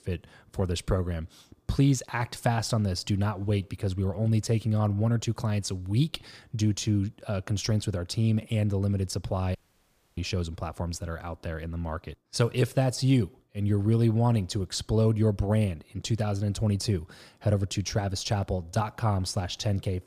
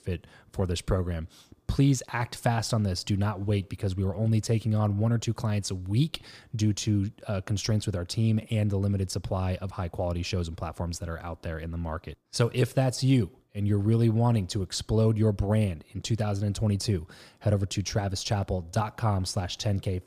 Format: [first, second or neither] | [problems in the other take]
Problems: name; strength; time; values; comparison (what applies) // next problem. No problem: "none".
second | audio cutting out; at 9.5 s for 0.5 s